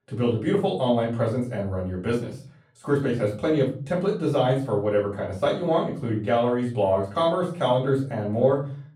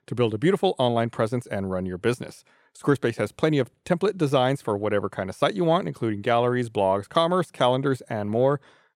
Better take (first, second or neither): second